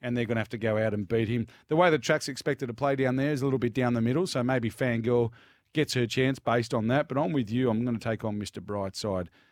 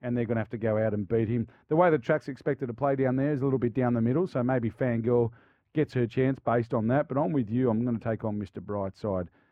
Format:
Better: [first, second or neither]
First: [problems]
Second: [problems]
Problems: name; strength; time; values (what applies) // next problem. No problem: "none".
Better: first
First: none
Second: muffled; very; fading above 2.5 kHz